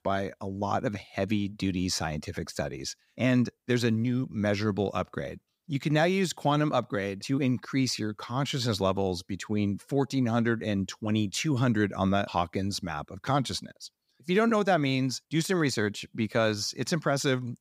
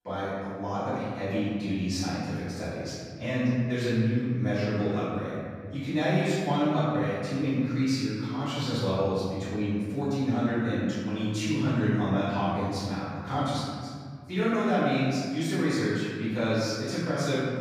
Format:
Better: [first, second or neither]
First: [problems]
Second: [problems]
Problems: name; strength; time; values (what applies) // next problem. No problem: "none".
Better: first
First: none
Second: off-mic speech; far // room echo; strong; dies away in 2 s